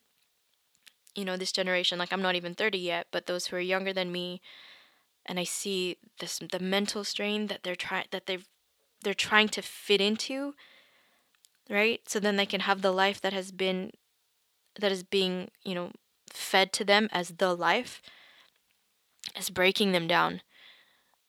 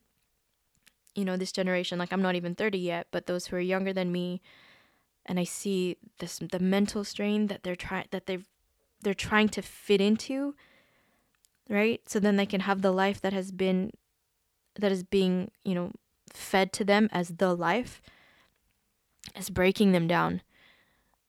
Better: second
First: thin; very slightly; fading below 550 Hz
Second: none

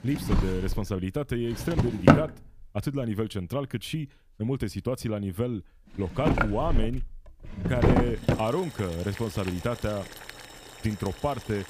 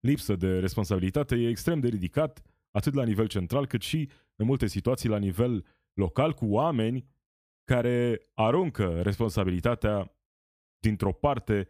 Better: second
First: household noises; very loud; throughout; 4 dB above the speech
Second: none

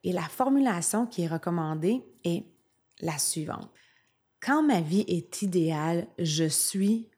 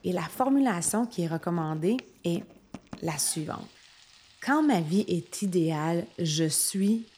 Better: first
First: none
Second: household noises; faint; throughout; 25 dB below the speech

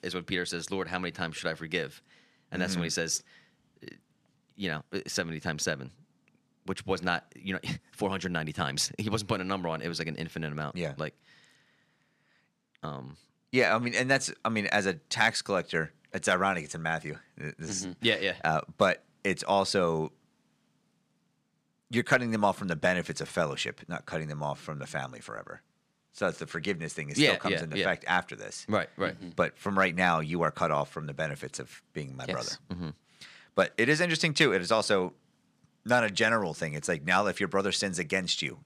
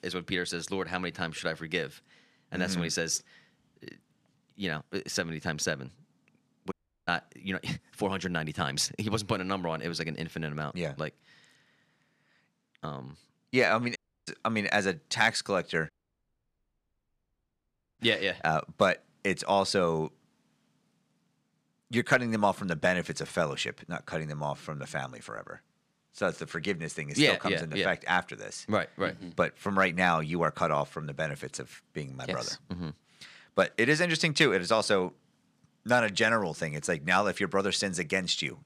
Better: first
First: none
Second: audio cutting out; at 6.5 s, at 14 s and at 16 s for 2 s

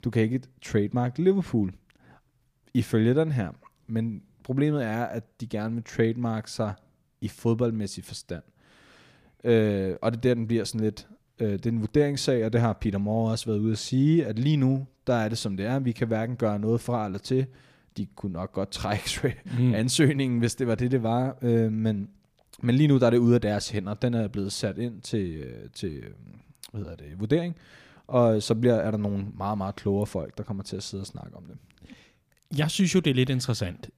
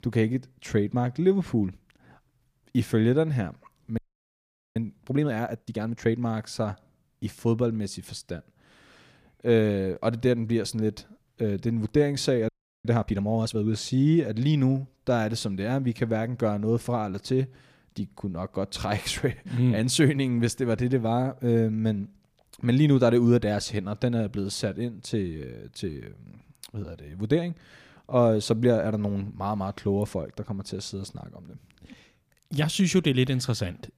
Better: first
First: none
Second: audio freezing; at 4 s for 1 s and at 12 s

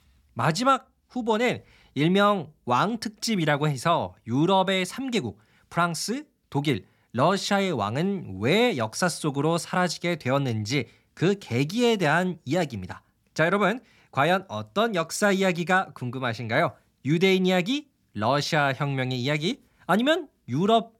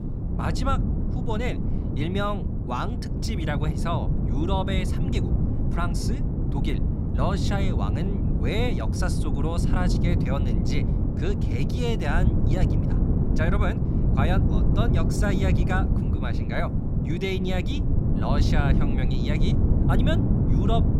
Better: first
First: none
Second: wind noise on the microphone; heavy; 3 dB below the speech

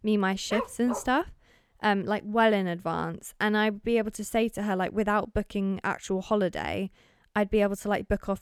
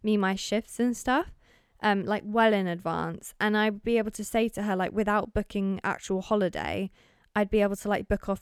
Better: second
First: dog barking; noticeable; at 0.5 s; peak 7 dB below the speech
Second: none

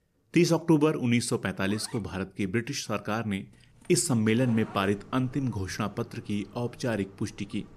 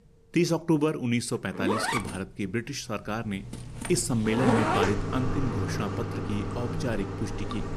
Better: first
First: household noises; faint; throughout; 20 dB below the speech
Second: household noises; loud; throughout; 1 dB below the speech

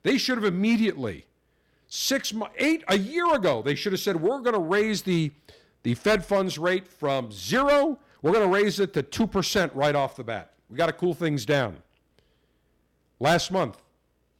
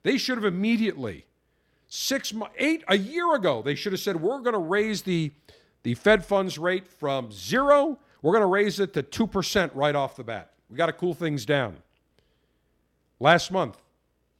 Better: second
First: distortion; slight; 4% of the sound clipped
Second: none

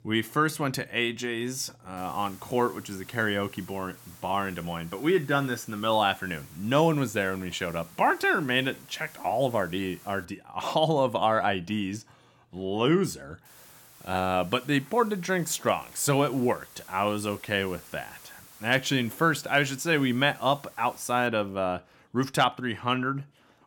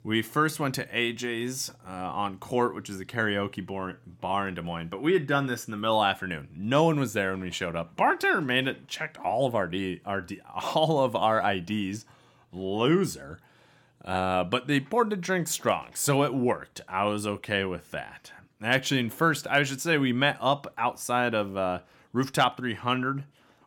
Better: second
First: hiss; faint; from 2 to 10 s and from 13 to 21 s; 20 dB below the speech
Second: none

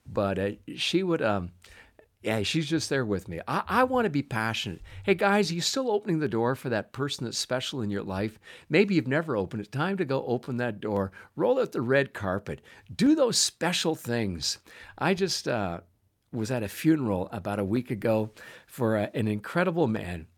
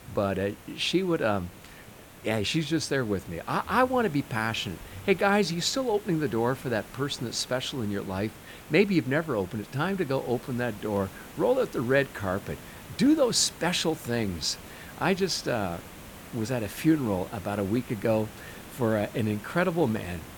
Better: first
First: none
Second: hiss; noticeable; throughout; 15 dB below the speech

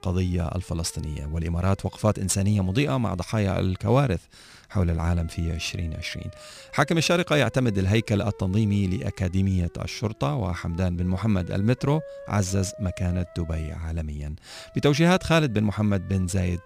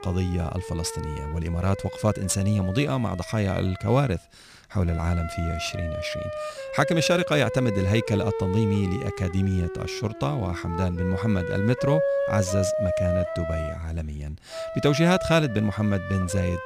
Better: first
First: background music; faint; throughout; 25 dB below the speech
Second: background music; loud; throughout; 6 dB below the speech

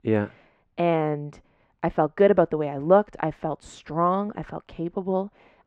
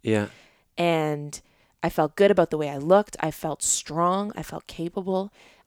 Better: second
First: muffled; very; fading above 2 kHz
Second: none

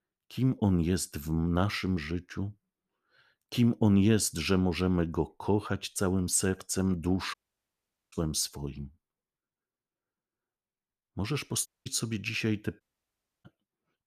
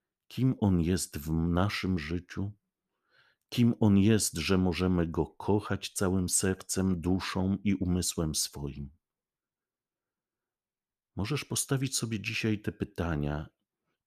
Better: second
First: audio cutting out; at 7.5 s for 1 s, at 12 s and at 13 s for 0.5 s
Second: none

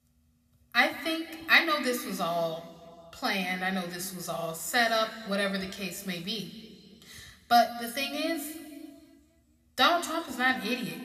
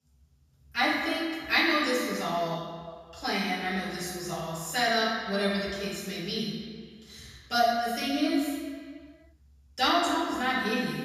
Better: first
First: room echo; slight; dies away in 1.7 s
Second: room echo; strong; dies away in 1.7 s // off-mic speech; far

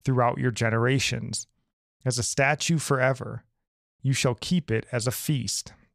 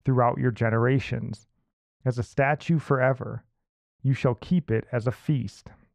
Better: first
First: none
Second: muffled; very; fading above 3.5 kHz

